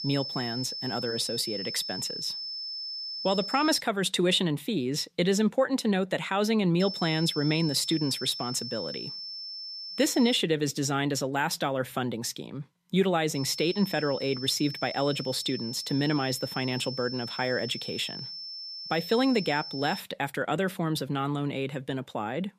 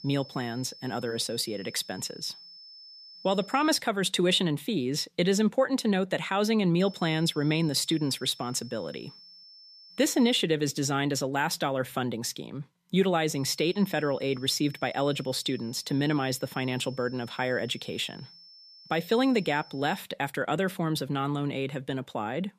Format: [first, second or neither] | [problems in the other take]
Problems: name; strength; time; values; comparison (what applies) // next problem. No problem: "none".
second | high-pitched whine; loud; until 4 s, from 7 to 10 s and from 13 to 20 s; 5.5 kHz, 7 dB below the speech; faint in the second